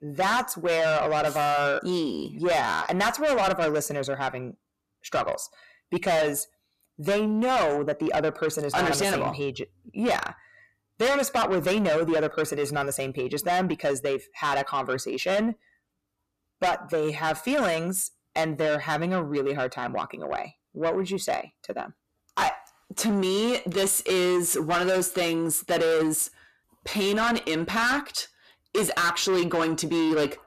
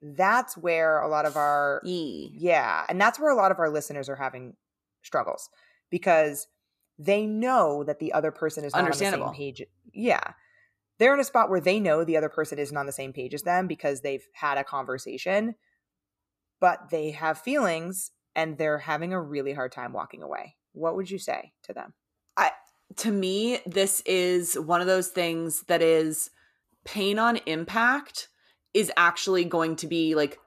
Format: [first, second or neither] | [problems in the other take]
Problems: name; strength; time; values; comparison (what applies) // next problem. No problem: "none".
second | distortion; heavy; 6 dB below the speech